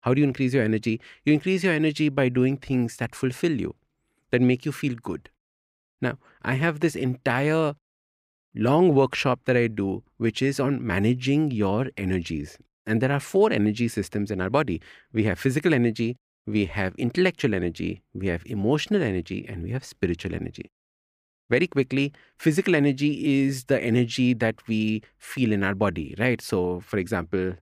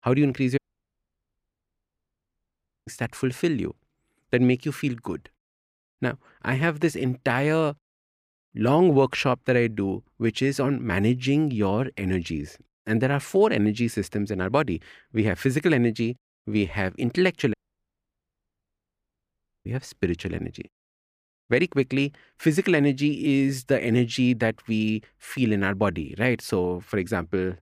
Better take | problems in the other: first | audio cutting out; at 0.5 s for 2.5 s and at 18 s for 2 s

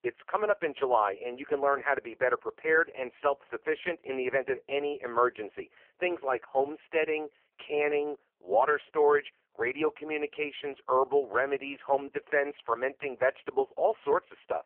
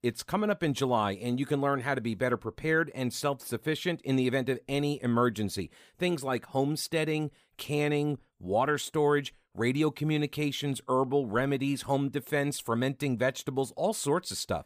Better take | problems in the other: second | phone-call audio; poor line

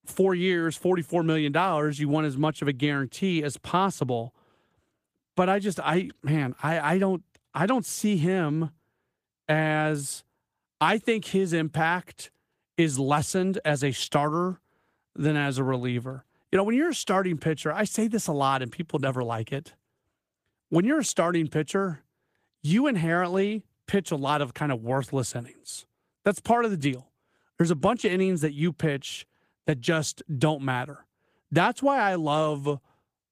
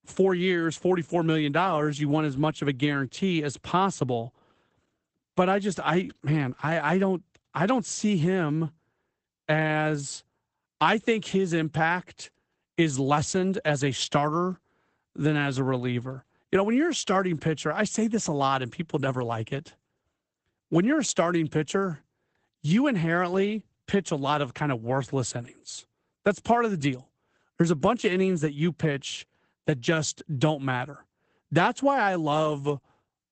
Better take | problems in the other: first | garbled, watery; badly; nothing above 8 kHz; slightly in the first

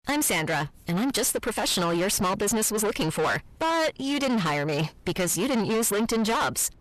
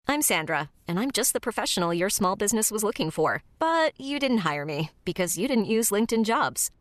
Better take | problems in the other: second | distortion; heavy; 7 dB below the speech

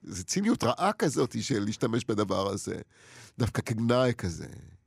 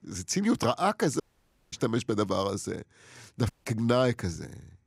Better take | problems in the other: first | audio cutting out; at 1 s for 0.5 s and at 3.5 s

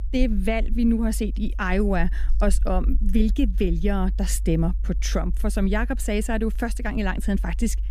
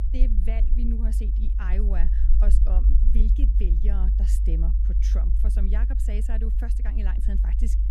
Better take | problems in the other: first | low rumble; loud; throughout; 4 dB below the speech; faint in the first

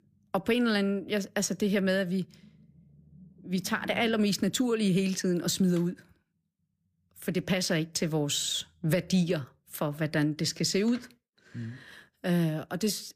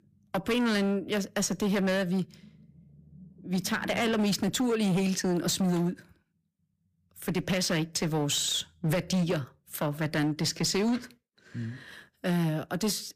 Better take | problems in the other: first | distortion; slight; 12% of the sound clipped

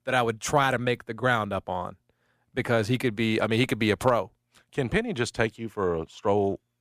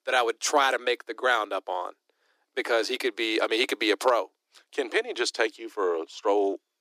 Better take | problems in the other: first | thin; very; fading below 300 Hz

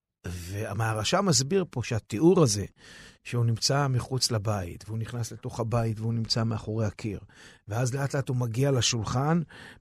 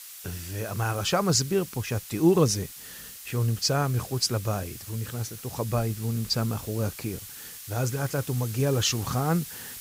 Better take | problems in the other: first | hiss; noticeable; throughout; 10 dB below the speech

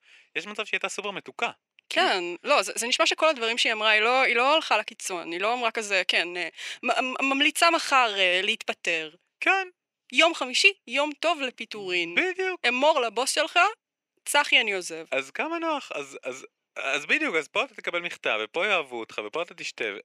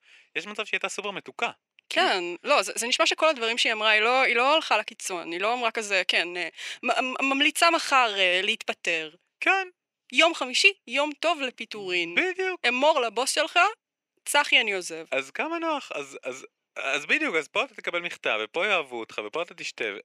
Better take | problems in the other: neither | thin; somewhat; fading below 400 Hz; the same in both

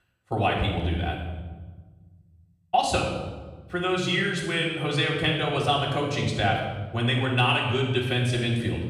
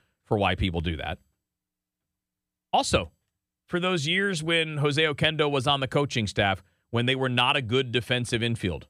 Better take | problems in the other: second | off-mic speech; far // room echo; noticeable; dies away in 1.1 s

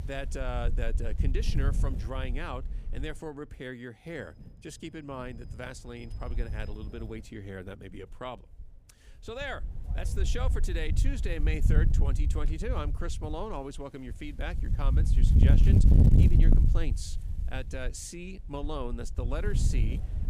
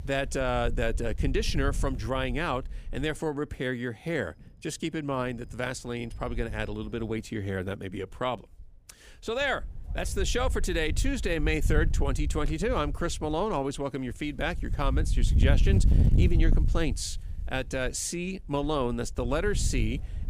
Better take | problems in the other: second | wind noise on the microphone; heavy; 3 dB below the speech; occasional gusts in the second

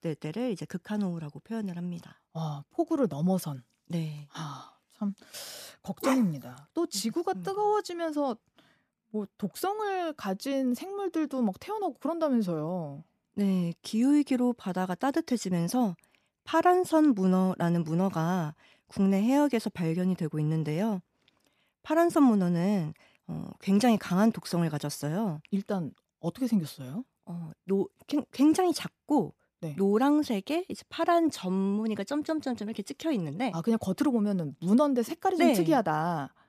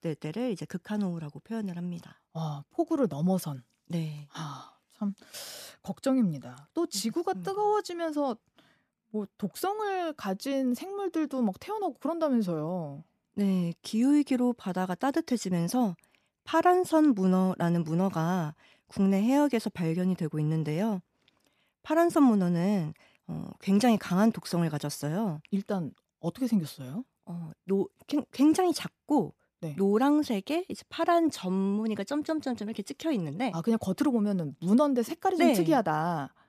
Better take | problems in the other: second | dog barking; noticeable; at 6 s; peak 6 dB below the speech

